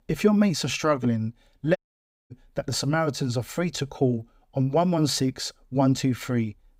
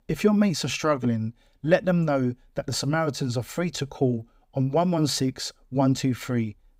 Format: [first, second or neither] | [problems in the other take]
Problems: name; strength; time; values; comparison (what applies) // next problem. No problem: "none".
second | audio cutting out; at 2 s for 0.5 s